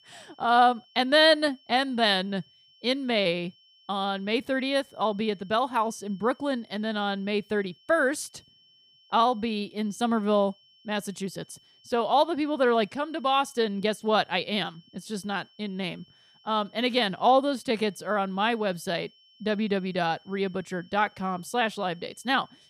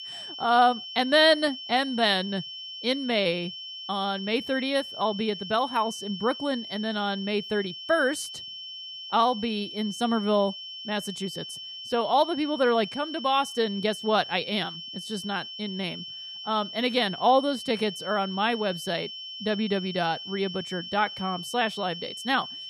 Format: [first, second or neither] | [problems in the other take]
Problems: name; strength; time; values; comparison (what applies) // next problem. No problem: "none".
first | high-pitched whine; loud; throughout; 3 kHz, 10 dB below the speech; faint in the first